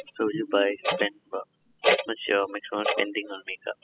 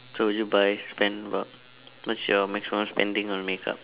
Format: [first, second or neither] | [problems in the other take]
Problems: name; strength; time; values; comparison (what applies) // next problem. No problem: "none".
second | noise reduction (classical method spectral subtraction)